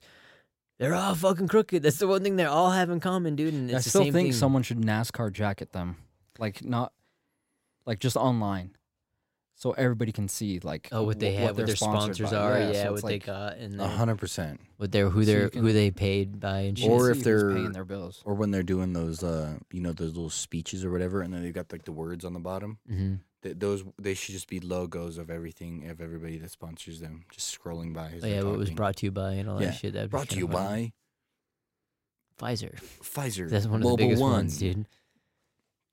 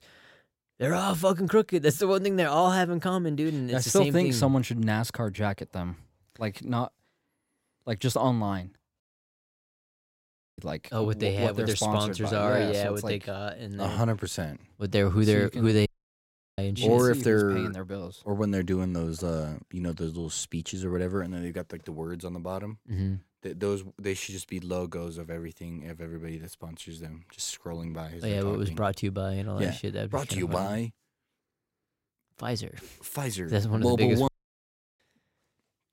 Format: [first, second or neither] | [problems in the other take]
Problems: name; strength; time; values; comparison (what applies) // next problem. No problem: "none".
first | audio cutting out; at 9 s for 1.5 s, at 16 s for 0.5 s and at 34 s for 0.5 s